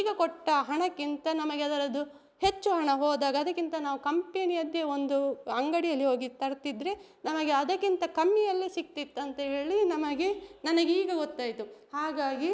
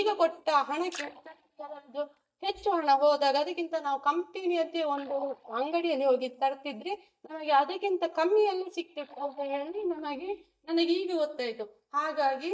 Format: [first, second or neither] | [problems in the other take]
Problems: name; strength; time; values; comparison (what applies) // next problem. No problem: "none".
first | noise reduction (neural mask model DeepFilterNet 3)